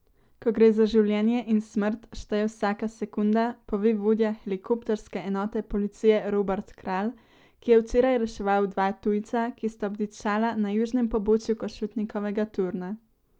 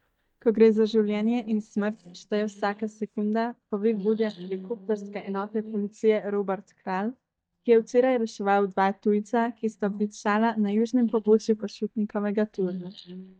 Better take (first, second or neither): first